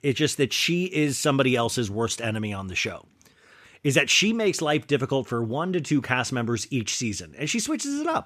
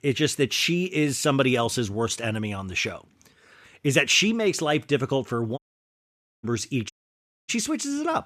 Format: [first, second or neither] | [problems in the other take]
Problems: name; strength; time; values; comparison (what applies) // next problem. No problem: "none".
first | audio cutting out; at 5.5 s for 1 s and at 7 s for 0.5 s